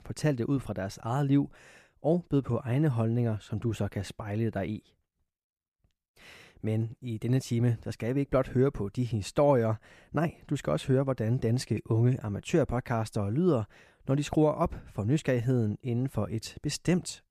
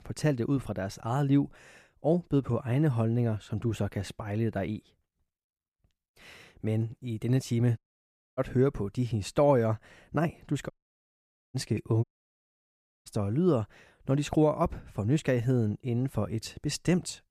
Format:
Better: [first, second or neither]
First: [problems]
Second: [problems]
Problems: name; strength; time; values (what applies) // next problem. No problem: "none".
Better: first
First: none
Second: audio cutting out; at 8 s for 0.5 s, at 11 s for 1 s and at 12 s for 1 s